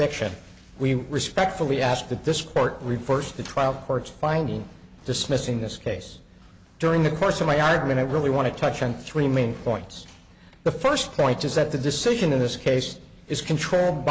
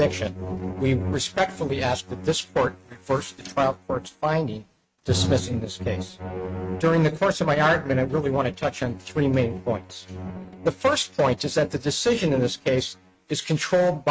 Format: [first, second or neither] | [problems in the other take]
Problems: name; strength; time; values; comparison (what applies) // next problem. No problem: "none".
first | noise reduction (neural mask model RNNoise)